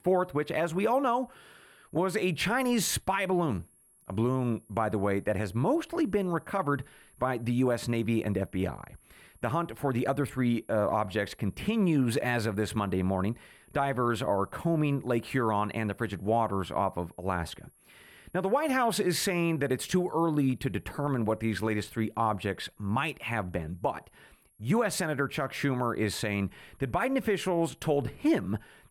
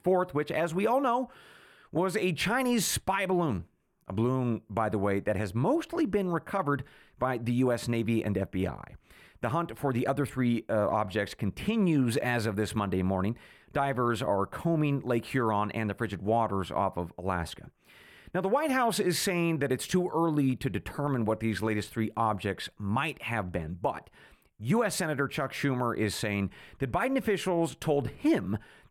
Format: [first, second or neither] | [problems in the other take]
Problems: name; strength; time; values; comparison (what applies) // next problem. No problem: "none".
second | high-pitched whine; faint; throughout; 11 kHz, 30 dB below the speech